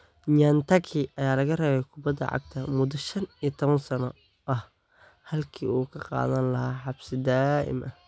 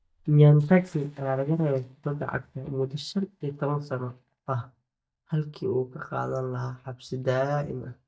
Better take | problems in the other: first | noise reduction (neural mask model DeepFilterNet 3)

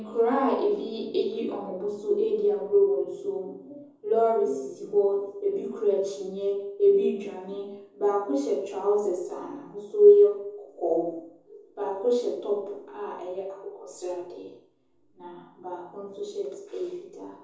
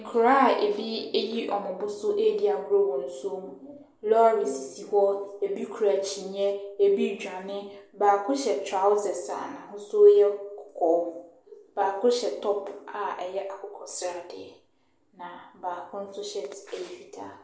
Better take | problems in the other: second | room echo; dies away in 0.5 s

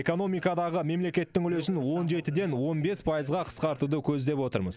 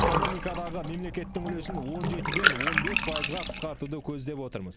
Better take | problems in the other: first | background sound (Bathtub (filling or washing) / Water); 4 dB above the speech

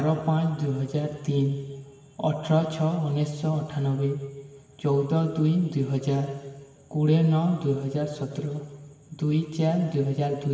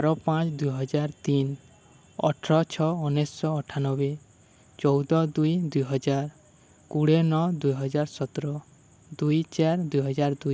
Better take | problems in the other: second | room echo; dies away in 1.5 s

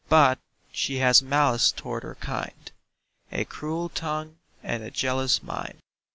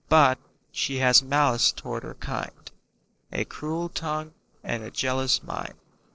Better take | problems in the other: first | noise reduction (neural separator model SepFormer DNS4)

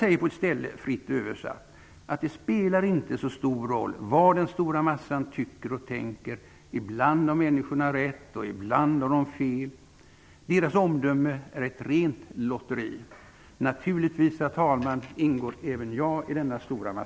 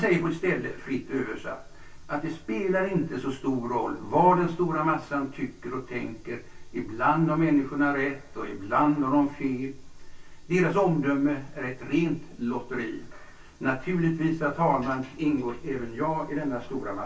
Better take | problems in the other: first | room echo; dies away in 0.1 s

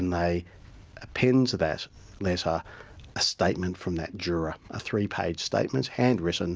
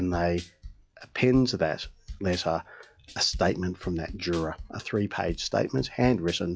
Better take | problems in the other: first | noise reduction (classical method log-MMSE)

